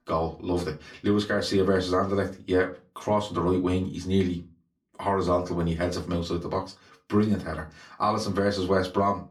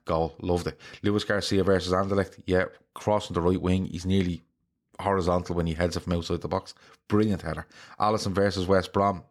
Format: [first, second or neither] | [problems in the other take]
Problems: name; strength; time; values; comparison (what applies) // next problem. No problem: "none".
second | off-mic speech; far // room echo; very slight; dies away in 0.2 s